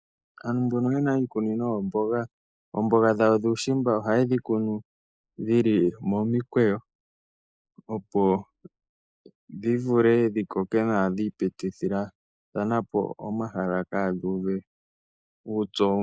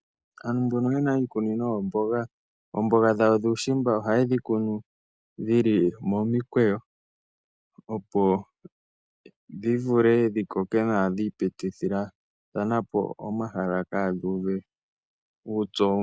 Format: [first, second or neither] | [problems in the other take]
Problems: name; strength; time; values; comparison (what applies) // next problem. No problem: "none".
second | noise reduction (neural mask model Resemble Enhance denoiser)